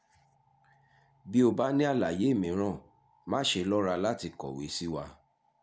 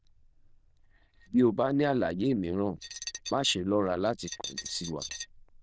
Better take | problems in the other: first | noise reduction (neural diffusion model UNIVERSE++)

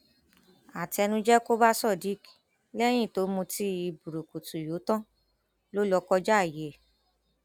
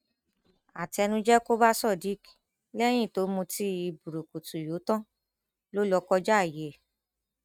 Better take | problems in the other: first | noise reduction (neural mask model RNNoise)

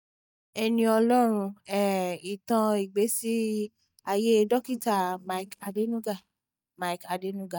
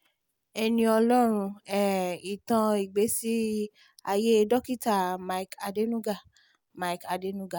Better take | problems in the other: second | noise reduction (neural mask model DeepFilterNet 3)

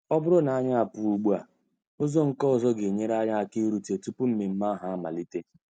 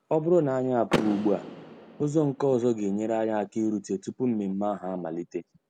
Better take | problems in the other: first | background sound (Door / Car); 11 dB below the speech

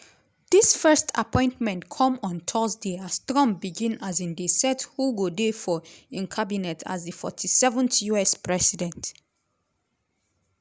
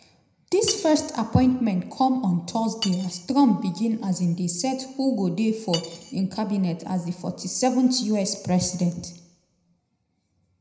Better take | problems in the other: first | background sound (Cutlery, silverware); 16 dB below the speech // room echo; dies away in 0.8 s

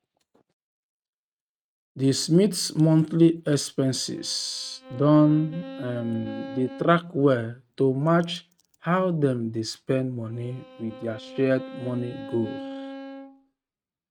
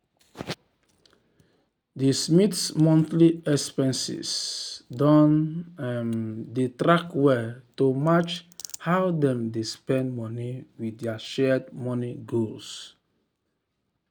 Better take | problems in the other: second | noise reduction (neural mask model RNNoise)

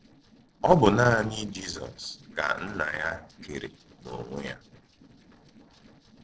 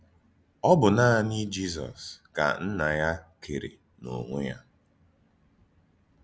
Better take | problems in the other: second | noise reduction (neural separator model SepFormer DNS4)

